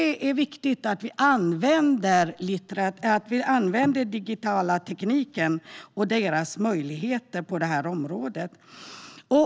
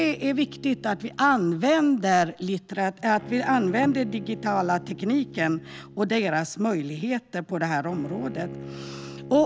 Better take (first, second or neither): first